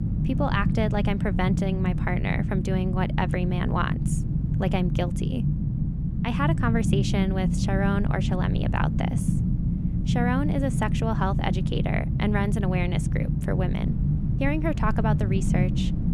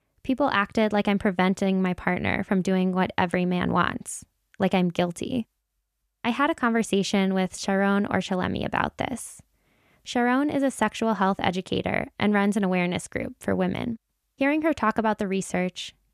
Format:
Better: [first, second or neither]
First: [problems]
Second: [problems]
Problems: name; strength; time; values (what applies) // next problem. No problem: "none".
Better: second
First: low rumble; loud; throughout; 6 dB below the speech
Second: none